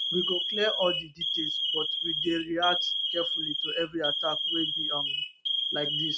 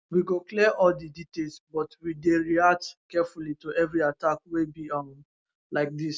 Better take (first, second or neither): second